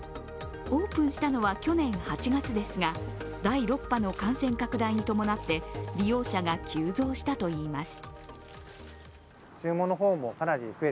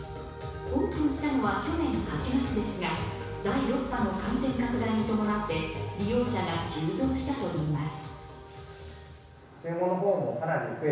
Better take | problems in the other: first | room echo; dies away in 1.1 s

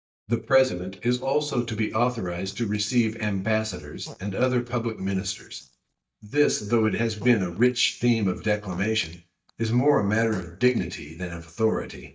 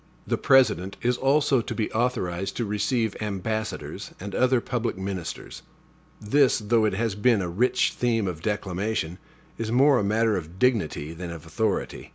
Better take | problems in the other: second | noise reduction (neural mask model DeepFilterNet 3)

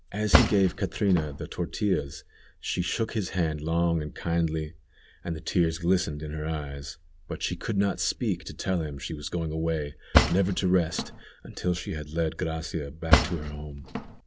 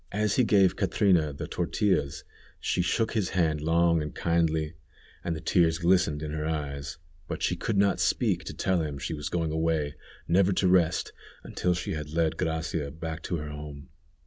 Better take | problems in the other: second | background sound (Cutlery, silverware / Drawer open or close); 2 dB above the speech

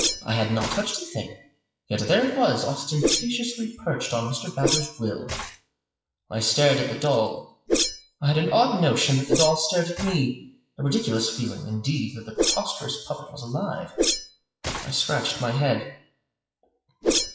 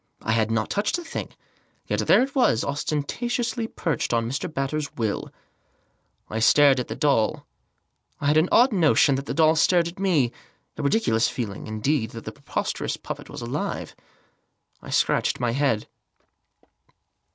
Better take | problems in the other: second | noise reduction (classical method WPE with log-MMSE)

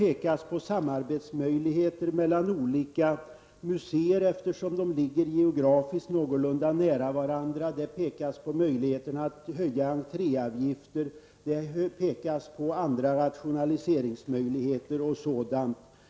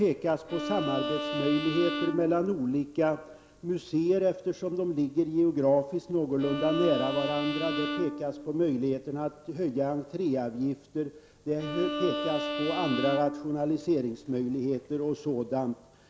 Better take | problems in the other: first | background sound (Bowed string instrument); 6 dB below the speech

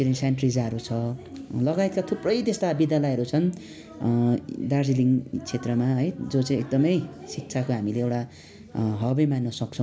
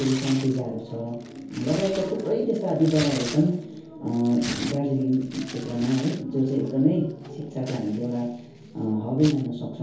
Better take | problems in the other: first | background sound (Tearing); 15 dB below the speech // room echo; dies away in 0.6 s

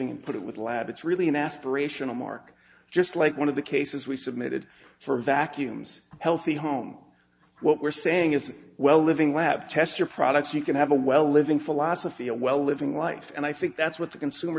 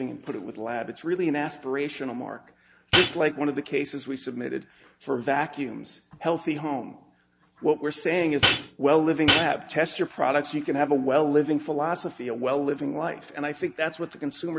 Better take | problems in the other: first | background sound (Hi-hat); 3 dB above the speech

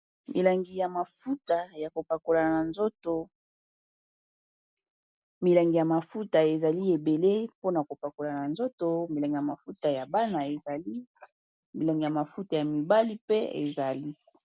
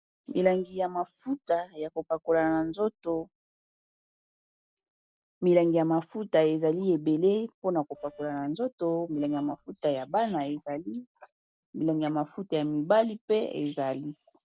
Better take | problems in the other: first | noise reduction (neural separator model SepFormer DNS4)

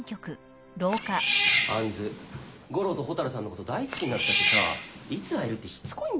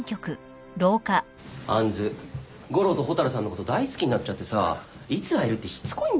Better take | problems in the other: second | background sound (Cat); 1 dB above the speech

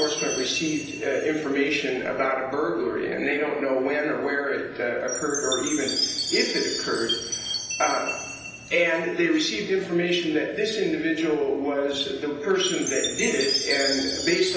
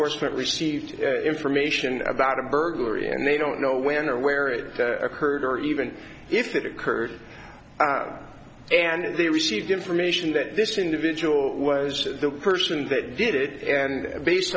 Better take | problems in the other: second | background sound (Chime); 8 dB below the speech // room echo; dies away in 0.9 s

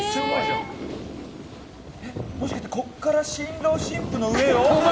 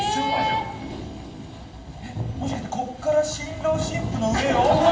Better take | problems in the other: first | room echo; dies away in 1.6 s

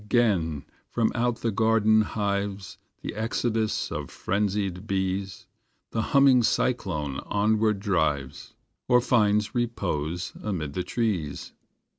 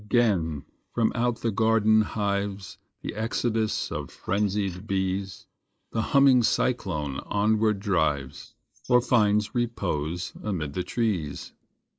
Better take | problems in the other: first | noise reduction (neural mask model Resemble Enhance denoiser)

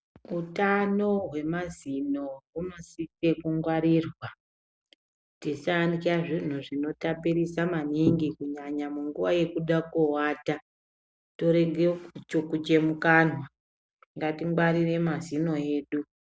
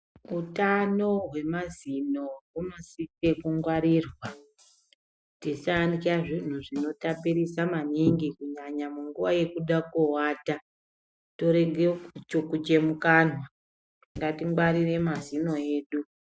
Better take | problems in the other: first | noise reduction (classical method Wiener filter)

